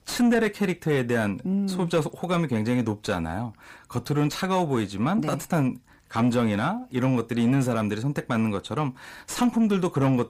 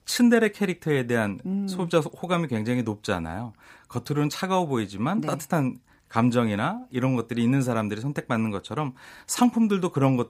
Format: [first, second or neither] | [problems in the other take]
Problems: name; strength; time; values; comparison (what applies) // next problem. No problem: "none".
second | distortion; slight; 10 dB below the speech